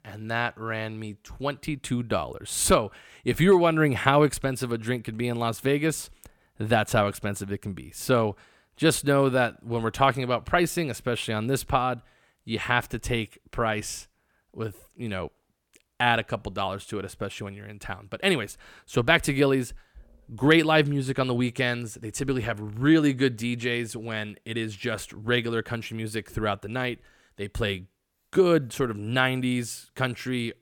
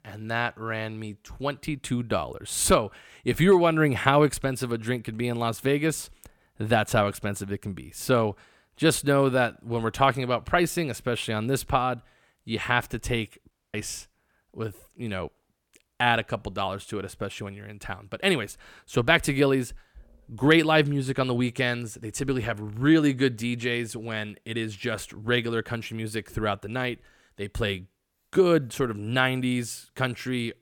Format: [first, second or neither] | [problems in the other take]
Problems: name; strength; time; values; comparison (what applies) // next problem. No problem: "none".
first | audio cutting out; at 14 s